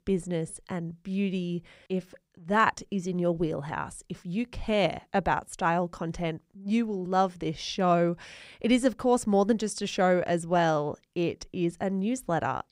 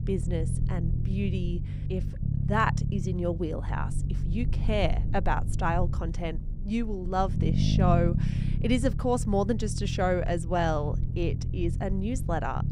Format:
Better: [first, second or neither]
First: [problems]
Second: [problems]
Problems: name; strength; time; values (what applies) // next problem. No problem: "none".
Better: first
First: none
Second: low rumble; noticeable; throughout; 10 dB below the speech